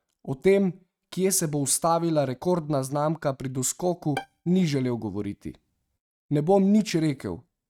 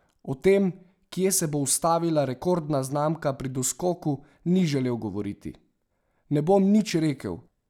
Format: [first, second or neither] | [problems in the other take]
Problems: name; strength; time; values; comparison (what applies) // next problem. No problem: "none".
second | noise reduction (neural mask model RNNoise)